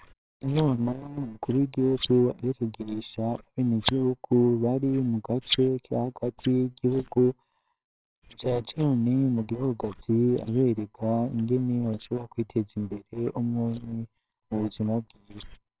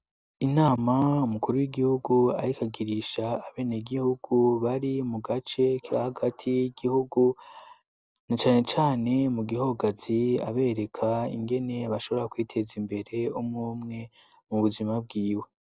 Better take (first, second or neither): second